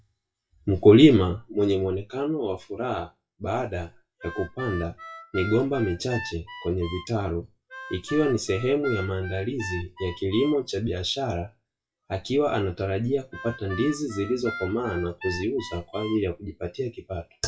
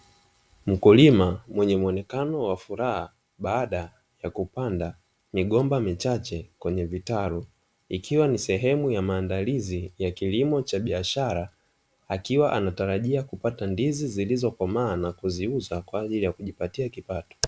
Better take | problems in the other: second | noise reduction (classical method WPE with log-MMSE)

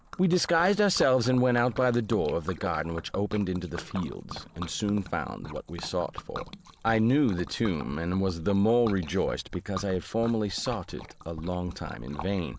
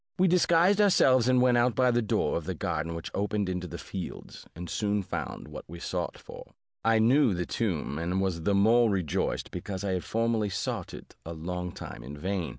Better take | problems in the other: second | background sound (Liquid); 16 dB below the speech

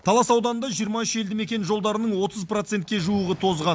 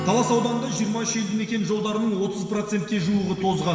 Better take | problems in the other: first | background sound (Acoustic guitar); 13 dB below the speech // room echo; dies away in 2.1 s

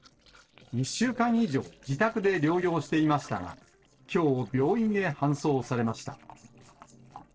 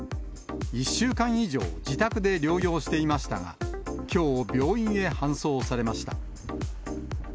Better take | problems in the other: second | noise reduction (neural separator model SepFormer DNS4)

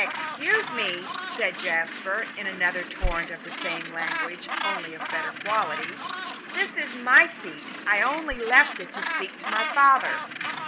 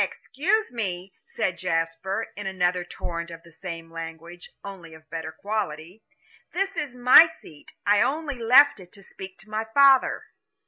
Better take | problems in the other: second | background sound (Gull, seagull); 7 dB below the speech

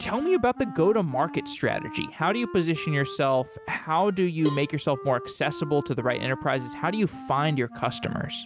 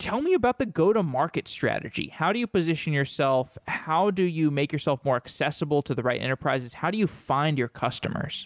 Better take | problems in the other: second | background sound (Cowbell + Wind instrument, woodwind instrument); 14 dB below the speech

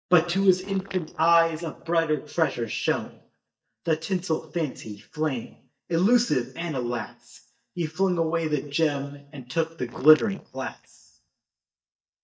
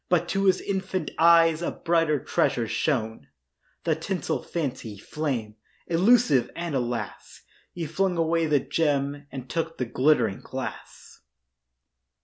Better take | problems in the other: second | noise reduction (neural mask model DeepFilterNet 3)

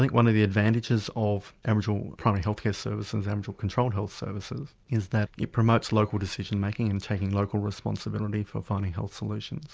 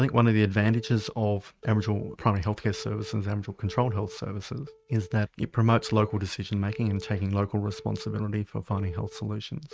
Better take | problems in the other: first | noise reduction (neural mask model RNNoise)

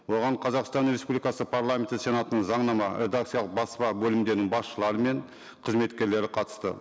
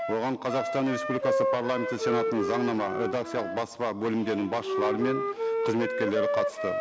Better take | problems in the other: first | background sound (Wind instrument, woodwind instrument); 1 dB below the speech

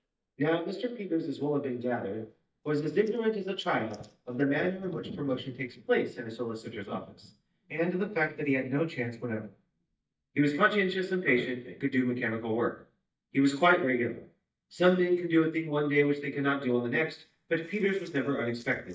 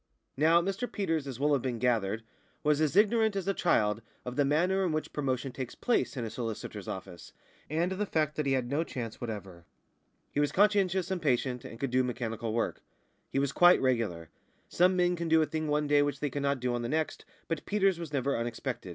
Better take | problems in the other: second | noise reduction (neural mask model DeepFilterNet 3)

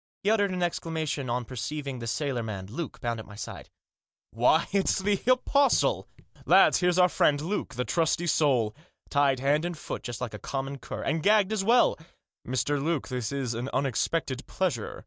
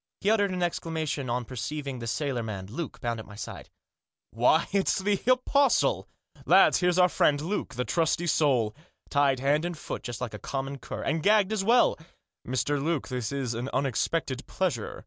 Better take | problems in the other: second | noise reduction (neural mask model DeepFilterNet 3)

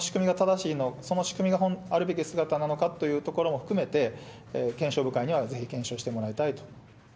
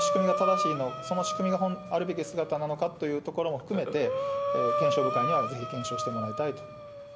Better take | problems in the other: first | background sound (Breathing); 1 dB below the speech

